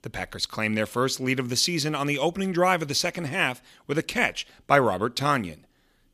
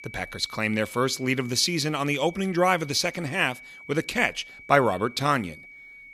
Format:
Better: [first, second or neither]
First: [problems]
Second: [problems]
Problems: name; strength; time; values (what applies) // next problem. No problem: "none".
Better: first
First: none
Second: high-pitched whine; noticeable; throughout; 2.5 kHz, 20 dB below the speech